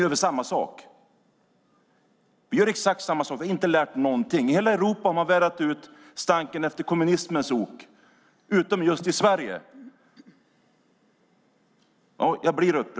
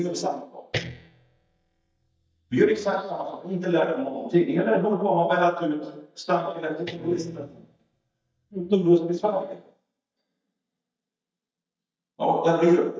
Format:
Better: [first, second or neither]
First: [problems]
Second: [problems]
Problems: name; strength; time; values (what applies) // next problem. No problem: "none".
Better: first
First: none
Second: noise reduction (neural mask model DeepFilterNet 3)